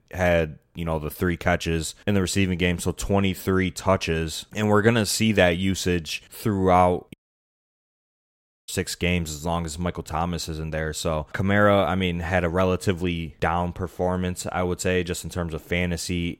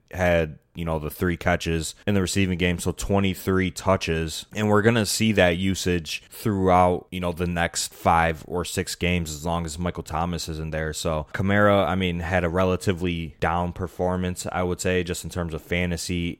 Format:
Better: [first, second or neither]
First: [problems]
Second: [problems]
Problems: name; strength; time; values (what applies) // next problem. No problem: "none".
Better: second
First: audio cutting out; at 7 s for 1.5 s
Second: none